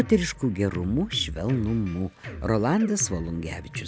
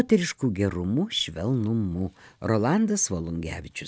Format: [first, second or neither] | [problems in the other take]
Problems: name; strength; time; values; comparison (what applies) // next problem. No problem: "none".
second | background sound (Drum kit); 12 dB below the speech